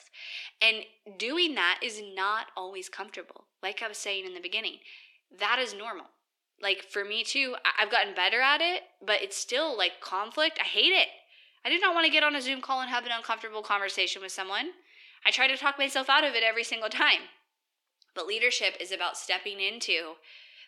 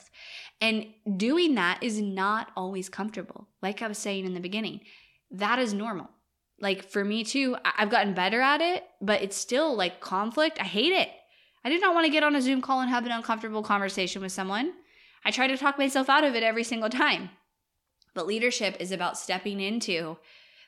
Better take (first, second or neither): second